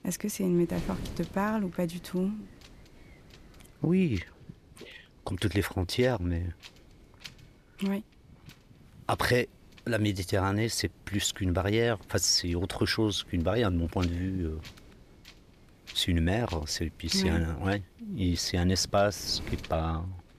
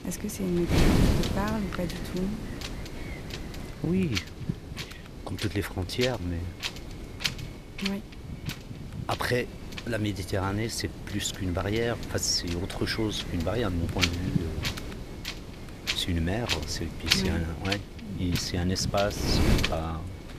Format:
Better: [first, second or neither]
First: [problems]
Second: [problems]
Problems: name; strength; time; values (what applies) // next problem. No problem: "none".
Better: first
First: wind noise on the microphone; occasional gusts; 20 dB below the speech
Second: wind noise on the microphone; heavy; 2 dB below the speech